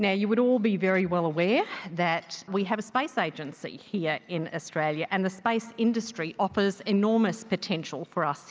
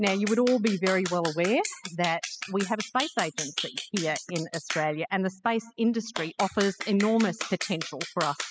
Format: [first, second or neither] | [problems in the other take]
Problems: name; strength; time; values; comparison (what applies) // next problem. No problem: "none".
first | noise reduction (classical method spectral subtraction)